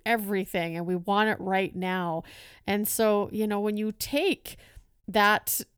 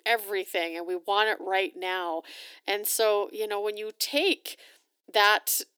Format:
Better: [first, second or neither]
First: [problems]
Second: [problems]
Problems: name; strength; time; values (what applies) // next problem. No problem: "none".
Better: first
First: none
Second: thin; very; fading below 300 Hz